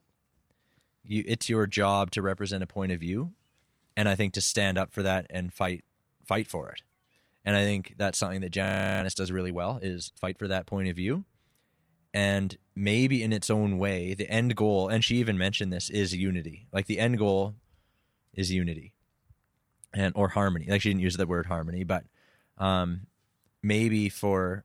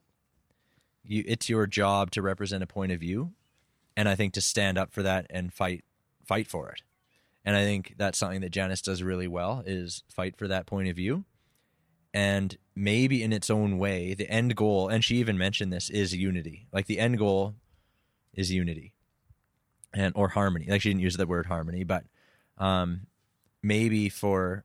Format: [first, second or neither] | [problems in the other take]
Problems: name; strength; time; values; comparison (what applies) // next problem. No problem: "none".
second | audio freezing; at 8.5 s